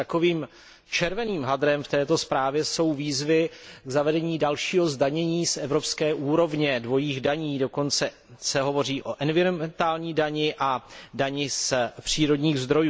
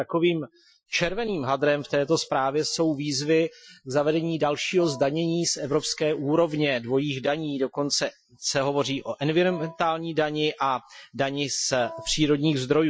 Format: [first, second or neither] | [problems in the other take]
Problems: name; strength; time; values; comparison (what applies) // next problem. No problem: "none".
first | noise reduction (classical method Wiener filter)